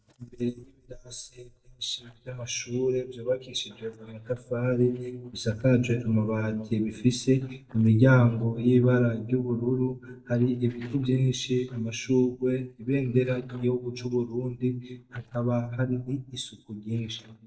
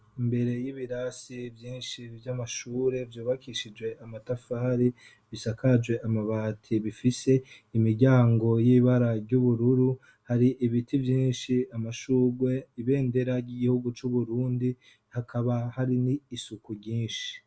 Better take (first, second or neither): second